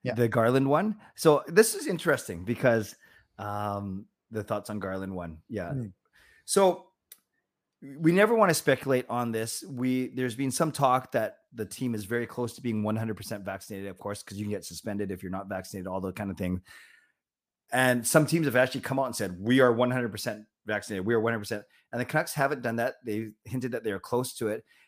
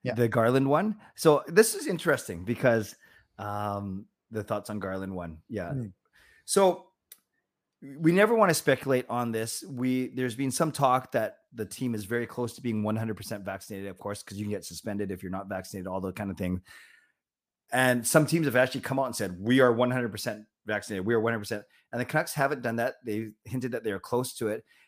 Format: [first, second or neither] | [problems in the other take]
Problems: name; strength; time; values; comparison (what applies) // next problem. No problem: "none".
neither | none